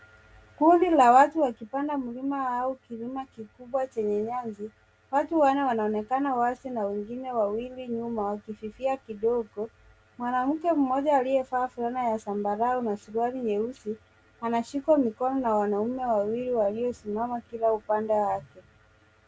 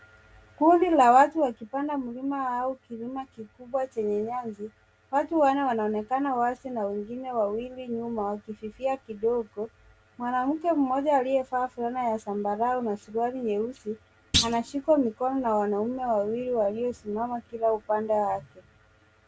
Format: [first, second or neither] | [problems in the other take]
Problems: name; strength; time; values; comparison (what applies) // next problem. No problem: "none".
first | background sound (Thump, thud); 4 dB below the speech